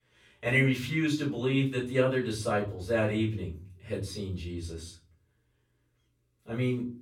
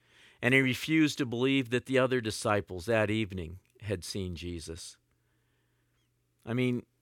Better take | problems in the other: second | off-mic speech; far // room echo; slight; dies away in 0.4 s

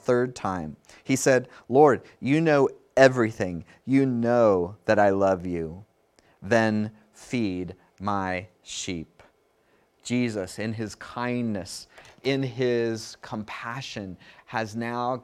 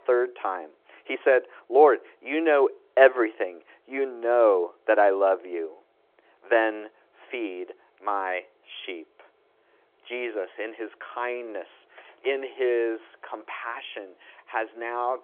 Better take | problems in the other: first | phone-call audio; nothing above 3.5 kHz

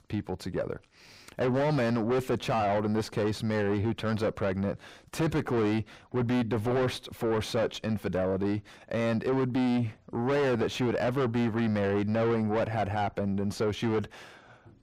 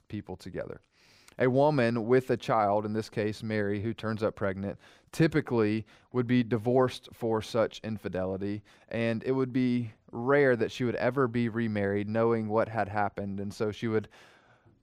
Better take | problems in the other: second | distortion; heavy; 6 dB below the speech

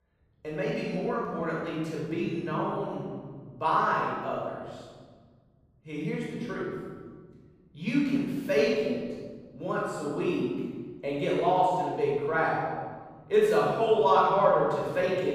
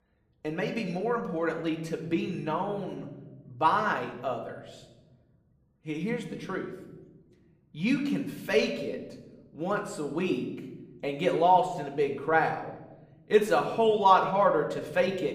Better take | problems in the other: second | room echo; strong; dies away in 1.7 s; slight in the second // off-mic speech; far; somewhat distant in the second

